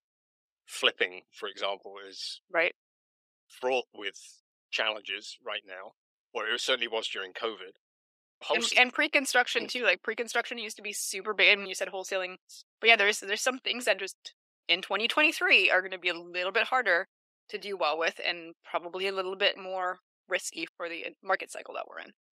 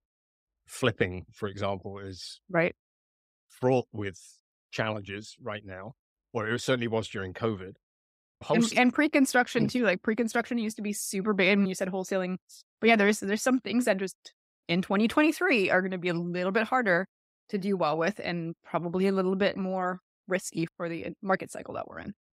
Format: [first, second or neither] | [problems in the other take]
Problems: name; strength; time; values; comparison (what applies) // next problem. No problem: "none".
second | thin; very; fading below 400 Hz